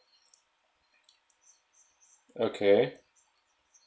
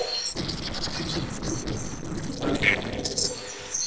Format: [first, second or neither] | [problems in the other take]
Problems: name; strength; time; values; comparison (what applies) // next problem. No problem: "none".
first | noise reduction (neural separator model SepFormer DNS4)